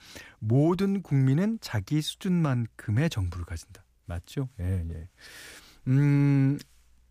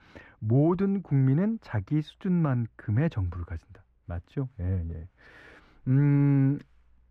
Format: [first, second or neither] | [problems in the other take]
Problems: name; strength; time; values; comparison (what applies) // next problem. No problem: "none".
first | muffled; very; fading above 4 kHz